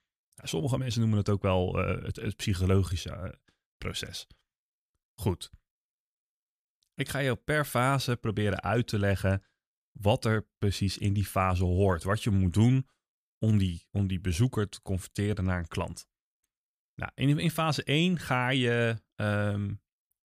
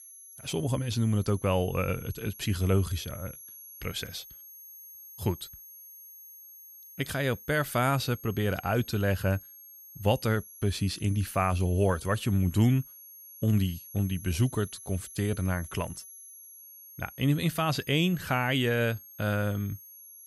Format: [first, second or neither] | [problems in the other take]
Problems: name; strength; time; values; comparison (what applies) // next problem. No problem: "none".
first | high-pitched whine; noticeable; throughout; 11 kHz, 15 dB below the speech